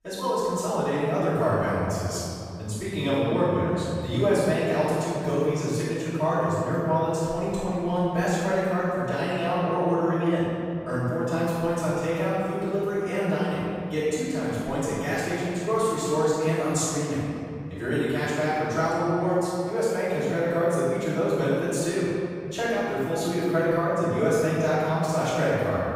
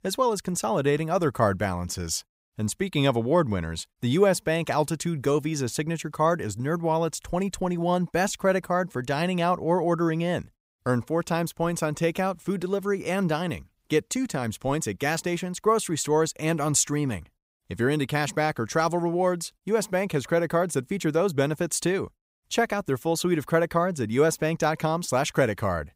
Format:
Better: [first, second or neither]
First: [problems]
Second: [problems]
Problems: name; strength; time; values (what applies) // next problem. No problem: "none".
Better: second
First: off-mic speech; far // room echo; strong; dies away in 2.5 s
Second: none